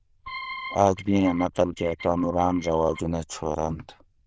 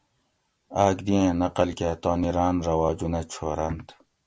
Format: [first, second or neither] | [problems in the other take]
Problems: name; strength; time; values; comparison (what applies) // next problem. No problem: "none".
second | noise reduction (neural diffusion model UNIVERSE++)